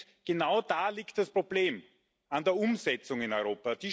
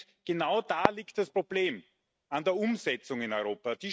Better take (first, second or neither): first